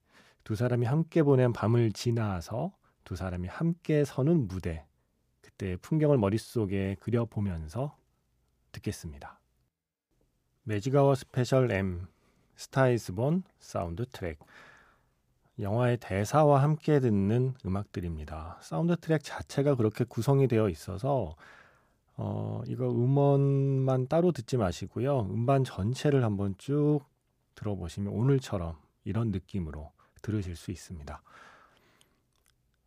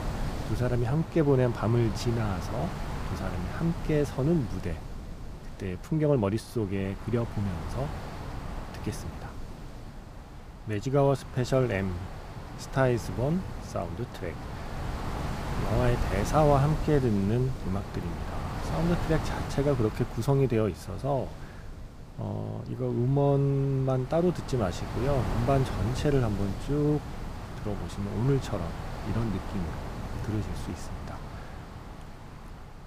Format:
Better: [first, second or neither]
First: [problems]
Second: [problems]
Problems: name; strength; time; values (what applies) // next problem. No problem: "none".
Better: first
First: none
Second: wind noise on the microphone; heavy; 9 dB below the speech